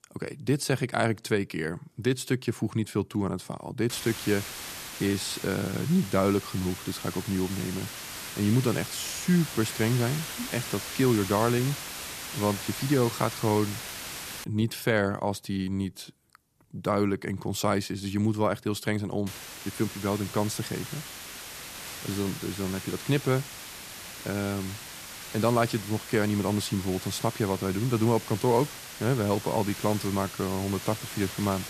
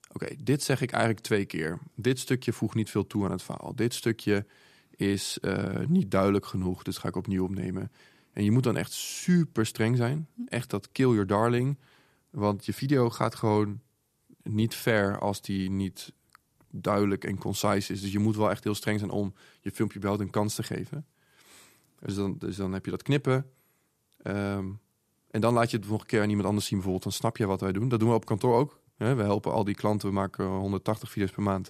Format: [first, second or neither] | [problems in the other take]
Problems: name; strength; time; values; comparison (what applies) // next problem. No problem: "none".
second | hiss; loud; from 4 to 14 s and from 19 s on; 9 dB below the speech